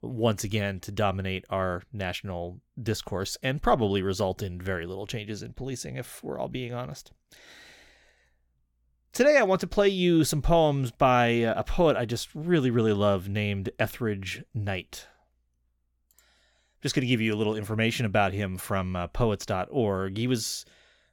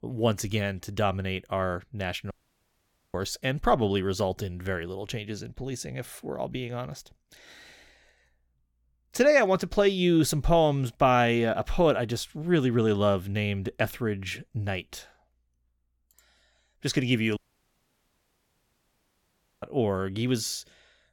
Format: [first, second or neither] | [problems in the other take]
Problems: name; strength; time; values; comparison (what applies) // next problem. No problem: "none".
first | audio cutting out; at 2.5 s for 1 s and at 17 s for 2.5 s